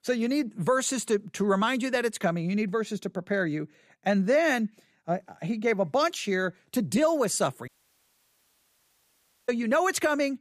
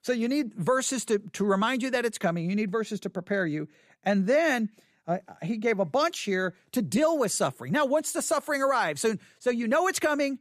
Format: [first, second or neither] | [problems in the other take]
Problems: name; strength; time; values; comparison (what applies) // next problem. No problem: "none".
second | audio cutting out; at 7.5 s for 2 s